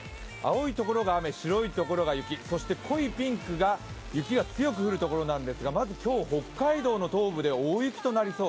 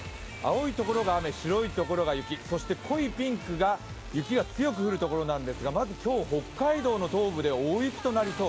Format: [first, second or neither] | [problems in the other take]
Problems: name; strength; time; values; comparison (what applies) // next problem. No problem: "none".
first | background sound (Motorcycle / Engine); 17 dB below the speech